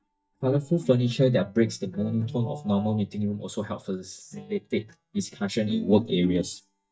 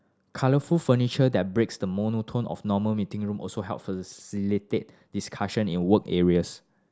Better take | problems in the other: second | noise reduction (neural mask model DeepFilterNet 3)

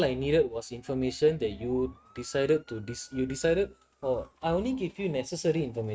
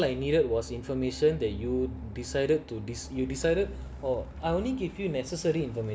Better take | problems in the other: second | noise reduction (neural mask model RNNoise)

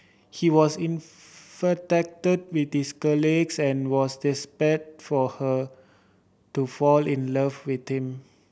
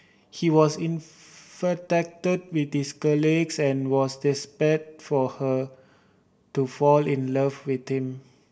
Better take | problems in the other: first | room echo; dies away in 0.2 s

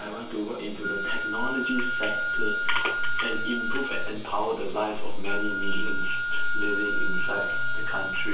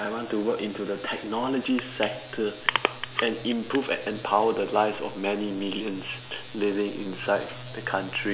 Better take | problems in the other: second | background sound (Wind instrument, woodwind instrument); 5 dB below the speech // room echo; dies away in 0.3 s

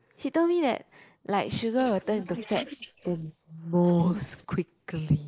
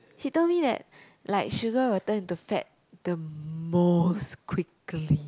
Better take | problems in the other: second | noise reduction (neural mask model Resemble Enhance denoiser)

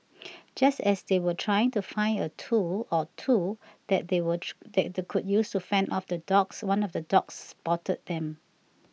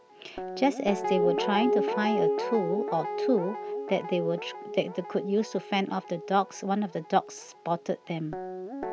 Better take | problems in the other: first | background sound (Guitar); 3 dB below the speech

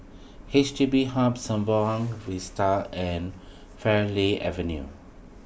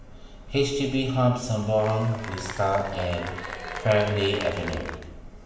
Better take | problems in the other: first | background sound (Applause / Cheering); 11 dB below the speech // room echo; dies away in 1.2 s

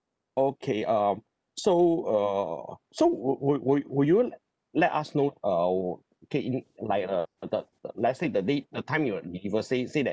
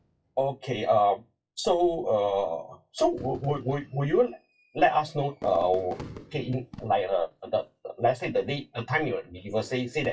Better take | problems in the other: first | noise reduction (classical method WPE with log-MMSE)

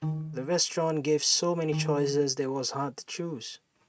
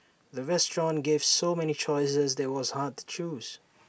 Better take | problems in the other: second | noise reduction (neural mask model RNNoise)

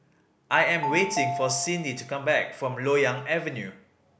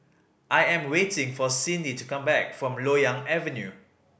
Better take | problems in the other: second | background sound (Telephone); 7 dB below the speech

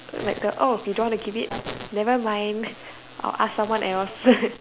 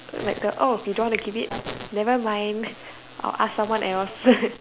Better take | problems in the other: first | background sound (Finger snapping); 17 dB below the speech

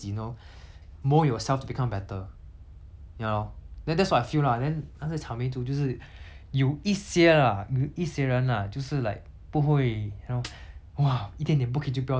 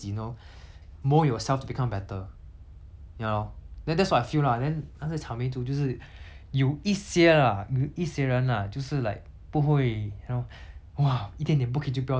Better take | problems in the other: second | background sound (Snare drum); 19 dB below the speech

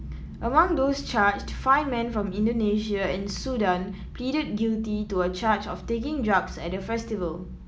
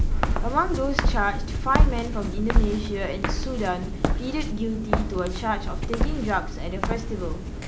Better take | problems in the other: first | background sound (Walk, footsteps); 4 dB above the speech

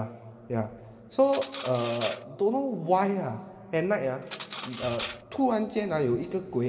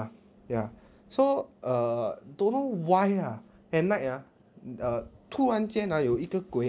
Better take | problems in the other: second | background sound (Cutlery, silverware); 14 dB below the speech // room echo; dies away in 2.5 s

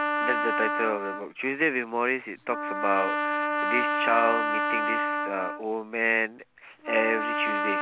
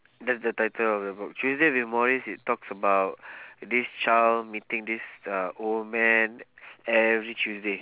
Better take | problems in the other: second | background sound (Trumpet); as loud as the speech

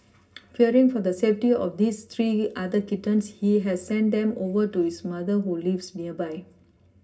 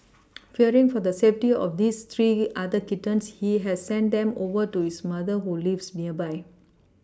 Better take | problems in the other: second | room echo; dies away in 0.4 s

